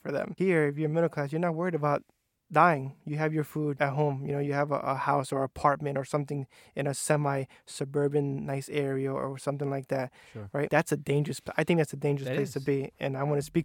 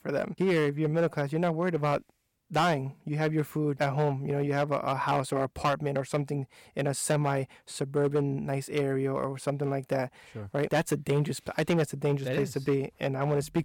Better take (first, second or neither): first